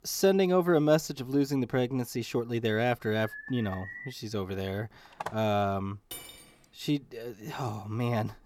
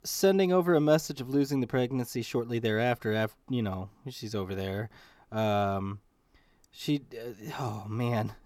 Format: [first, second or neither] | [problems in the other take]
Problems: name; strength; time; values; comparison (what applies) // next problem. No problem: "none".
second | alarm; faint; at 3 s; peak 10 dB below the speech // phone ringing; faint; at 5 s; peak 10 dB below the speech // clattering dishes; faint; at 6 s; peak 10 dB below the speech